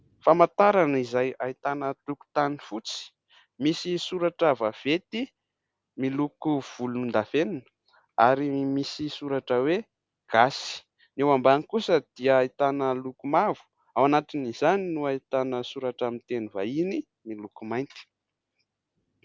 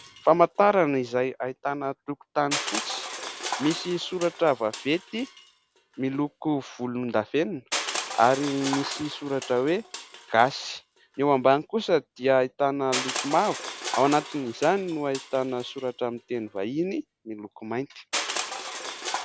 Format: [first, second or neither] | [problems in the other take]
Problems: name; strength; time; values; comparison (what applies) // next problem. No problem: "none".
first | background sound (Crushing); 10 dB below the speech